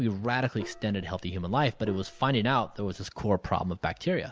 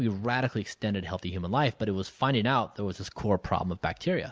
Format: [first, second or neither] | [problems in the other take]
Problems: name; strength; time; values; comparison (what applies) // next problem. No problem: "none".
second | background sound (Gong); 17 dB below the speech